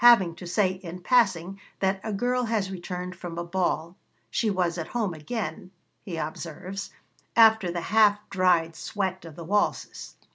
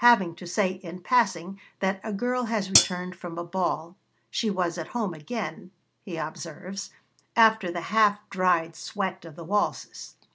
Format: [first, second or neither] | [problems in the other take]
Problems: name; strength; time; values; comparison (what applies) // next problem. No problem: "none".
first | background sound (Hi-hat); 4 dB above the speech